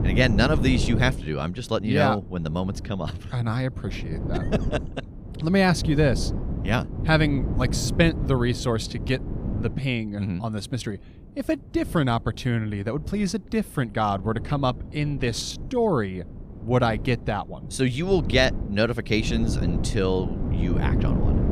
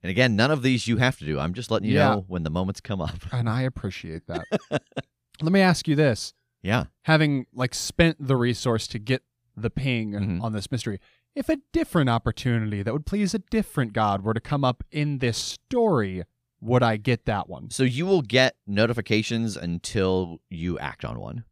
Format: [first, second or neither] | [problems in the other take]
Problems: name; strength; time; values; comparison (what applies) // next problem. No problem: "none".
second | wind noise on the microphone; occasional gusts; 10 dB below the speech